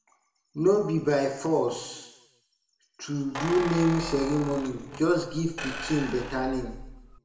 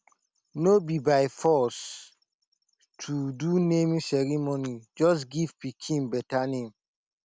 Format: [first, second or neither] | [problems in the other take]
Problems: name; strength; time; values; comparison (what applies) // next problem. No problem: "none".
second | background sound (Squeak); 9 dB below the speech // room echo; dies away in 0.9 s